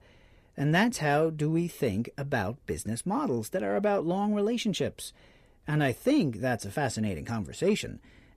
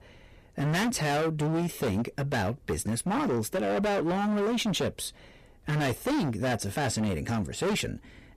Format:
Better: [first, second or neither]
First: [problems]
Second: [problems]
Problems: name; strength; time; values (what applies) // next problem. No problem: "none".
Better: first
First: none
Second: distortion; heavy; 26% of the sound clipped